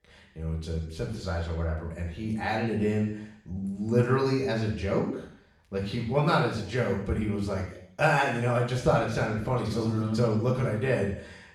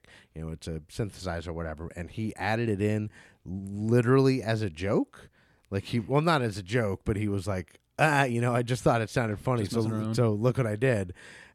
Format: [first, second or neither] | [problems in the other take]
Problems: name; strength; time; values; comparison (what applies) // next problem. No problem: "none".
second | room echo; noticeable; dies away in 0.7 s // off-mic speech; far